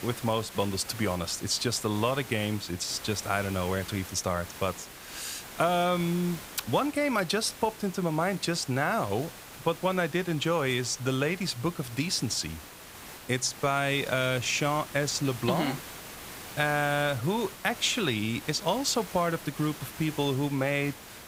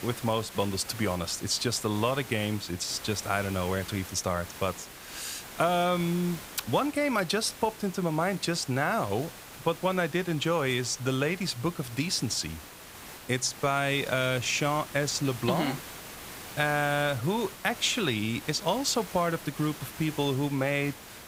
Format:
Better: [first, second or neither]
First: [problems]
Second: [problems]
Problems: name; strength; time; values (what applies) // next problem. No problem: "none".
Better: neither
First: hiss; noticeable; throughout; 15 dB below the speech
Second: hiss; noticeable; throughout; 15 dB below the speech